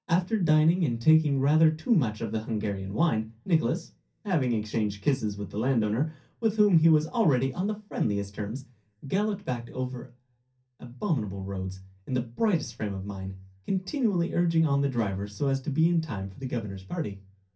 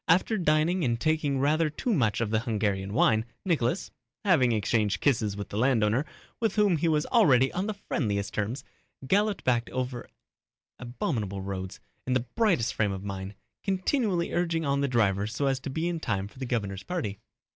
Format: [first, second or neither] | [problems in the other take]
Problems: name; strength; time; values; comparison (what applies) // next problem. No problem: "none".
second | room echo; dies away in 0.3 s